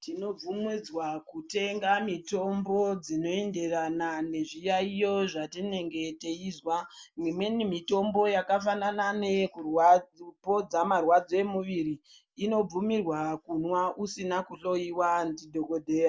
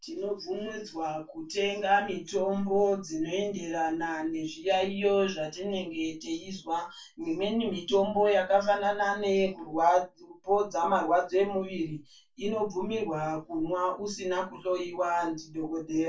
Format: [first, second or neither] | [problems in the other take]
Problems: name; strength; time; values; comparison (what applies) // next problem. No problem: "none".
first | room echo; dies away in 0.2 s